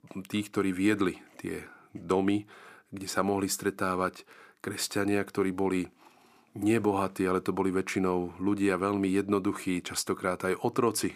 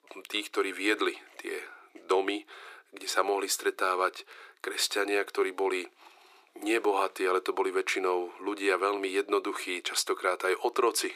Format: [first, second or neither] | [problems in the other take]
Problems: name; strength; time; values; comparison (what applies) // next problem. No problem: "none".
first | thin; very; fading below 350 Hz